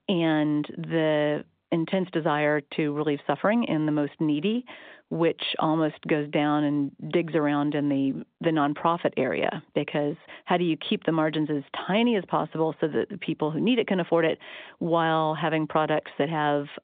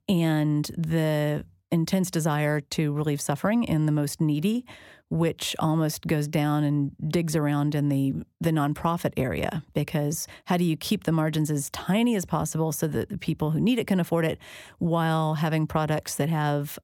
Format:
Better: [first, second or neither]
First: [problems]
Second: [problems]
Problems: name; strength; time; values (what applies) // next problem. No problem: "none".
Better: second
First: phone-call audio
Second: none